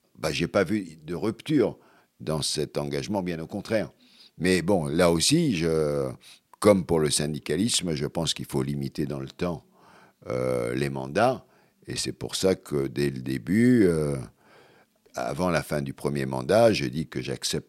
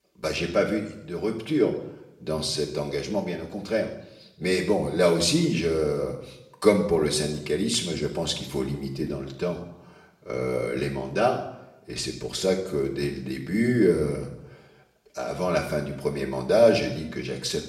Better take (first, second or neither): first